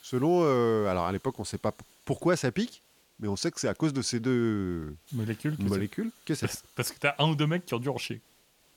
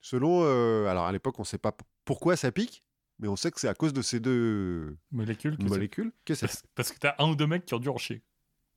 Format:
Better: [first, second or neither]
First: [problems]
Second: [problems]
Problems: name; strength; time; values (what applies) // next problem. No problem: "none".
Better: second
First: hiss; faint; throughout; 30 dB below the speech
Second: none